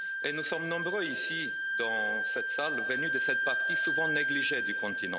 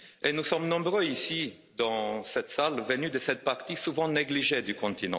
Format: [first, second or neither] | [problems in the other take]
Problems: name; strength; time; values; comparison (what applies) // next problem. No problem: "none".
second | background sound (Wind instrument, woodwind instrument); 4 dB above the speech